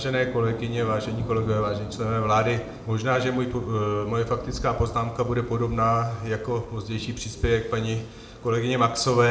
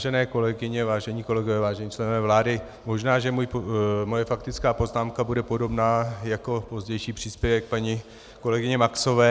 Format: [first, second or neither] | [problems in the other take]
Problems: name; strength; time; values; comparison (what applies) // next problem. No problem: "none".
second | background sound (Thunder / Rain); 15 dB below the speech // room echo; dies away in 0.8 s